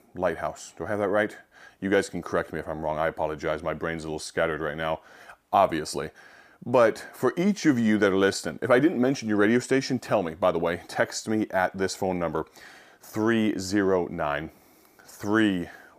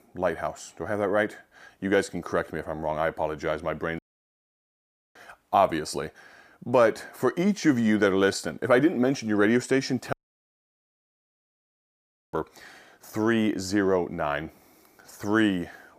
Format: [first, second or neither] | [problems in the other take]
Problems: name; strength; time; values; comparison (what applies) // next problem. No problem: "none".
first | audio cutting out; at 4 s for 1 s and at 10 s for 2 s